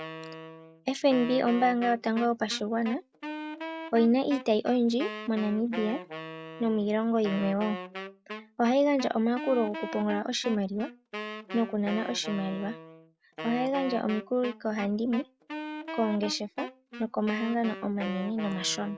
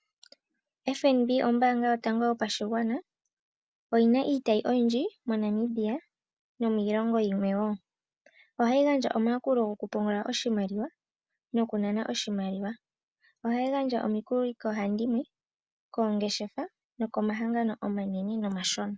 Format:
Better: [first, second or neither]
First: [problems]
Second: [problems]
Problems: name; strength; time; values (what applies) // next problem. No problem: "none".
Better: second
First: background sound (Wind instrument, woodwind instrument); 11 dB below the speech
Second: none